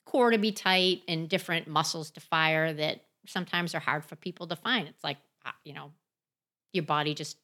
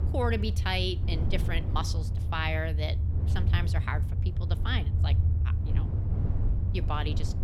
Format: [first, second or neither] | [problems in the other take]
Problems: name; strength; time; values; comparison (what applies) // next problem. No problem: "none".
first | low rumble; loud; throughout; 10 dB below the speech